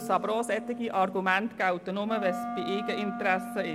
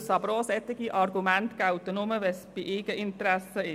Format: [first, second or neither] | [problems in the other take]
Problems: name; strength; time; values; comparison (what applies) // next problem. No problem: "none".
second | background sound (Wind instrument, woodwind instrument); 8 dB below the speech